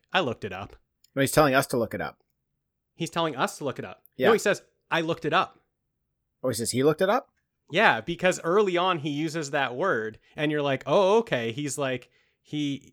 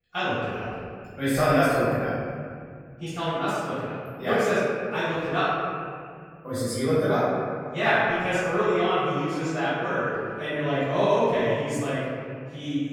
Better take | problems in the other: first | room echo; strong; dies away in 2.4 s // off-mic speech; far

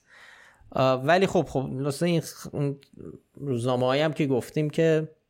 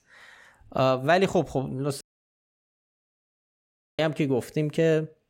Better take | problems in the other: first | audio cutting out; at 2 s for 2 s

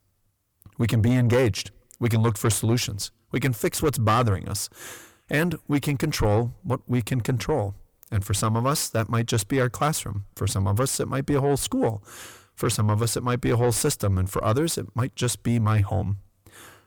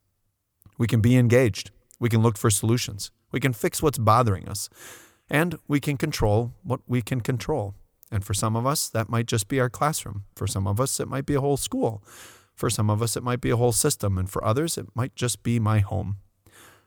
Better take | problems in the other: second | distortion; slight; 10 dB below the speech

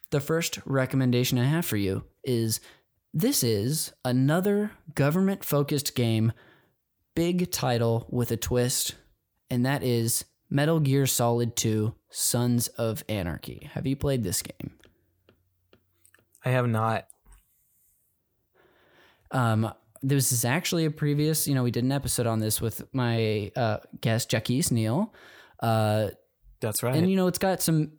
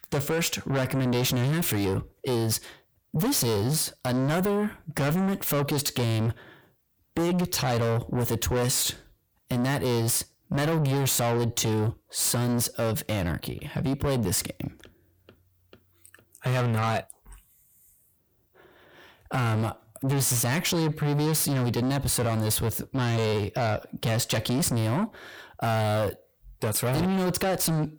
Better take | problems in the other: first | distortion; heavy; 7 dB below the speech

